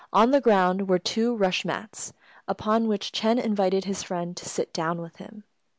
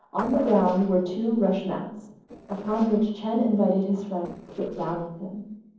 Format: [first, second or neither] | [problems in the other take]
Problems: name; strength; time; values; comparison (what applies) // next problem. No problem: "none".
first | noise reduction (neural separator model SepFormer DNS4)